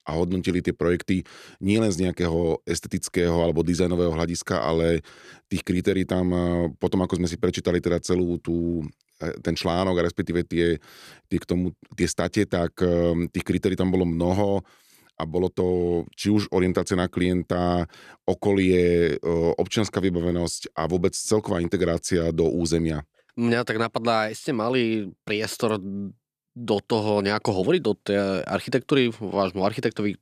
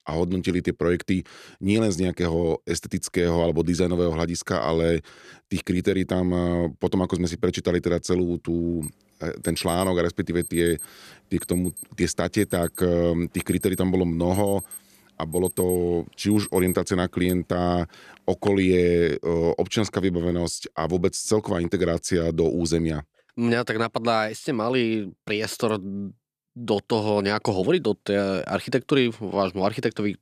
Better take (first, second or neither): first